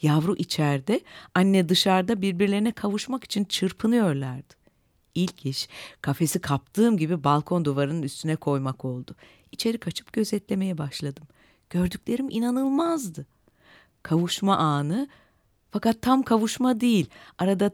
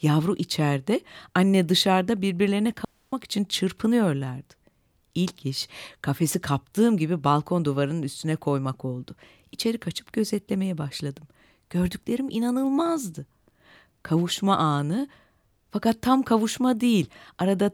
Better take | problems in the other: first | audio cutting out; at 3 s

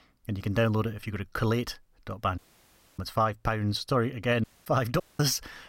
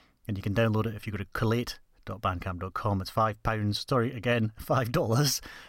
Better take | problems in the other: second | audio cutting out; at 2.5 s for 0.5 s, at 4.5 s and at 5 s

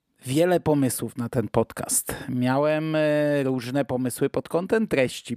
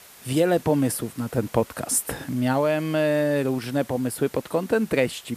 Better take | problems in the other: first | hiss; faint; throughout; 20 dB below the speech

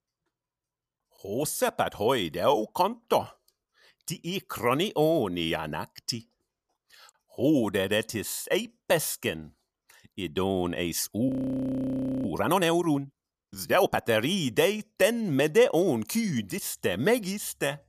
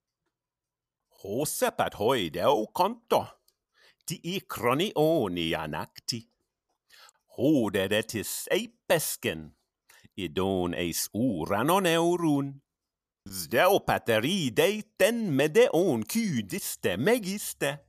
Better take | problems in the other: second | audio freezing; at 11 s for 1 s

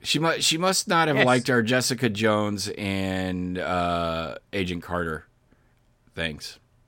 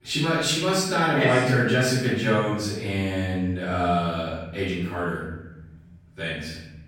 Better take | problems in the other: first | off-mic speech; far // room echo; strong; dies away in 1.4 s

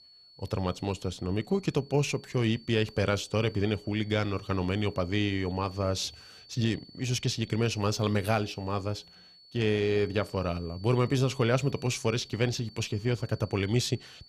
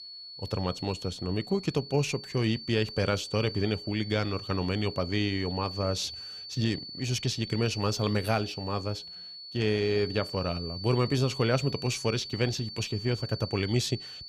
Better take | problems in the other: first | high-pitched whine; loud; throughout; 4.5 kHz, 10 dB below the speech; faint in the first

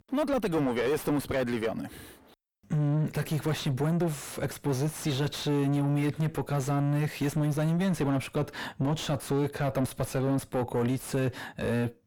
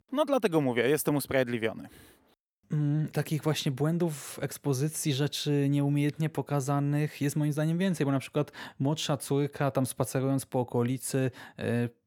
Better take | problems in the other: second | distortion; heavy; 6 dB below the speech

